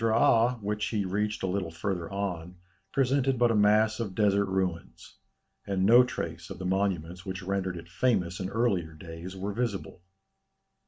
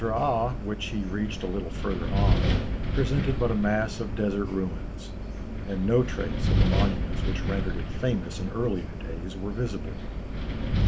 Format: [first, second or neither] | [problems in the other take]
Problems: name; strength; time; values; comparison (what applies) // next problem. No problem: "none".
first | background sound (Wind); 2 dB above the speech